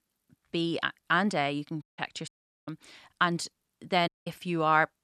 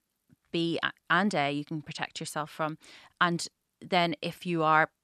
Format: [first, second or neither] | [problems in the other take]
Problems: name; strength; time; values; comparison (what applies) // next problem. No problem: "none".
second | audio cutting out; at 2 s, at 2.5 s and at 4 s